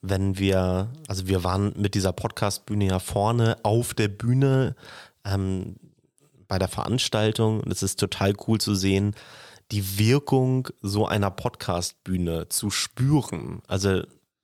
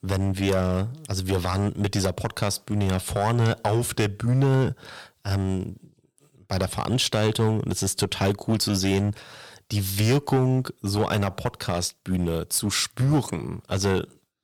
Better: first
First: none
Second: distortion; slight; 6% of the sound clipped

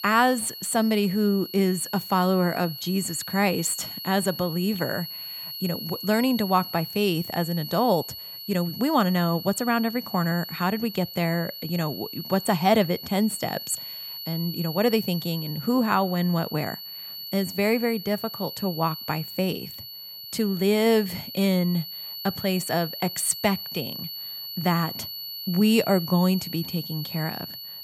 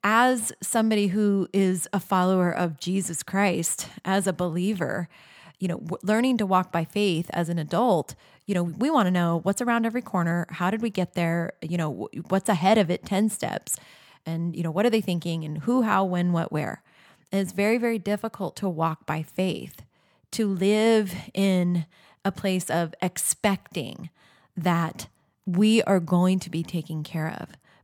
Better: second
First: high-pitched whine; loud; throughout; 4.5 kHz, 9 dB below the speech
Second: none

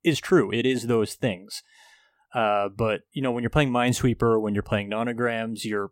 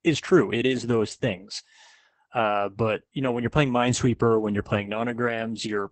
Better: first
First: none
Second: garbled, watery; badly; nothing above 8 kHz

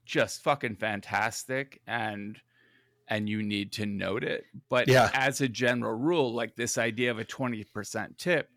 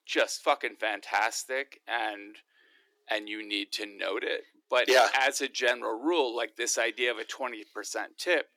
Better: first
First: none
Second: thin; very; fading below 300 Hz

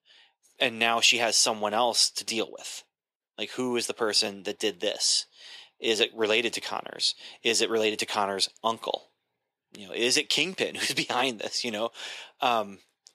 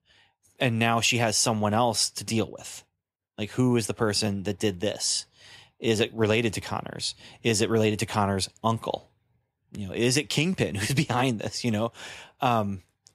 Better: second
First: thin; somewhat; fading below 400 Hz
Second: none

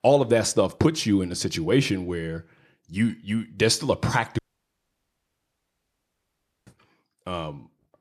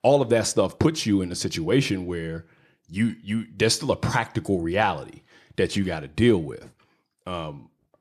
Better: second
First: audio cutting out; at 4.5 s for 2.5 s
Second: none

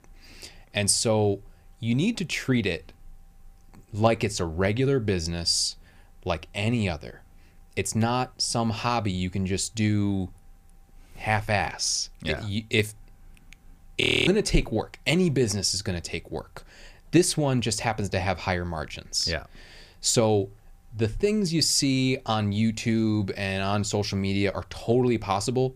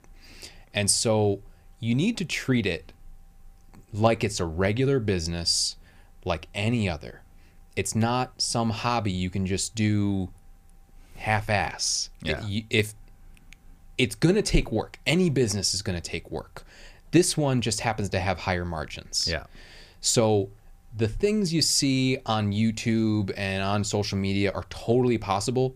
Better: second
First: audio freezing; at 14 s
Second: none

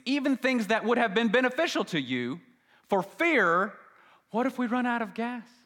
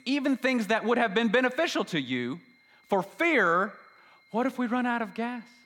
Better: first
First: none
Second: high-pitched whine; faint; throughout; 2 kHz, 30 dB below the speech

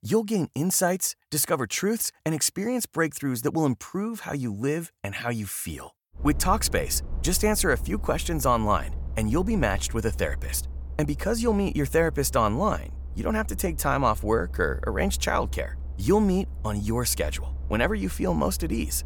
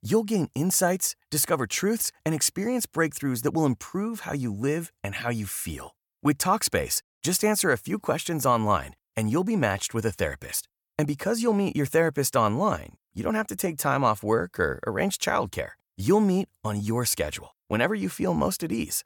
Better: second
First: low rumble; faint; from 6 s on; 25 dB below the speech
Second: none

